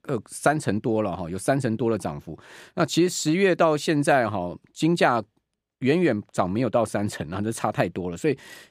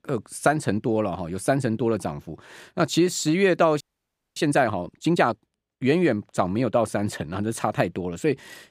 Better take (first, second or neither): first